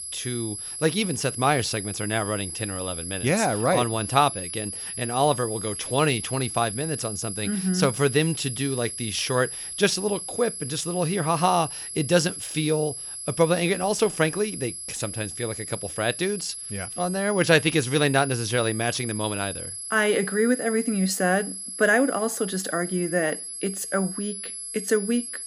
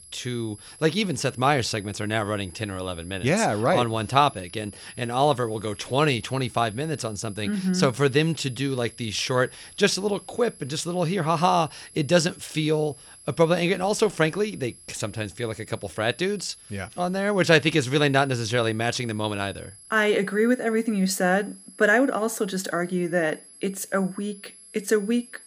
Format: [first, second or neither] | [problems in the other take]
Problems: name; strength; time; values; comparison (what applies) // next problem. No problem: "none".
second | high-pitched whine; loud; throughout; 11 kHz, 7 dB below the speech; faint in the second